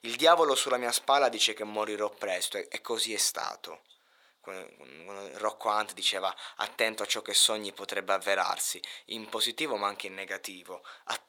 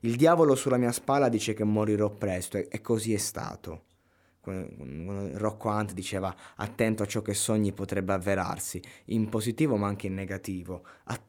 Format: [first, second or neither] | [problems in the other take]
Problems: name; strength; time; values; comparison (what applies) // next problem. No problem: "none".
second | thin; very; fading below 800 Hz